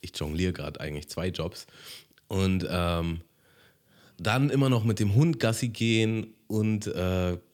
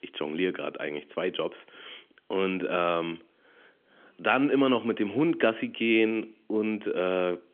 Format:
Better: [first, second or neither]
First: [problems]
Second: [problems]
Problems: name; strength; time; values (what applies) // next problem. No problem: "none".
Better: first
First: none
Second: phone-call audio; nothing above 3.5 kHz